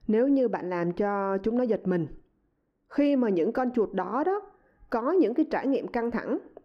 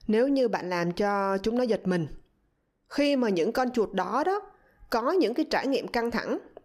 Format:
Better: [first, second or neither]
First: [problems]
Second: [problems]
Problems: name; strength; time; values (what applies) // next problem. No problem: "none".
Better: second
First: muffled; slightly; fading above 3 kHz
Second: none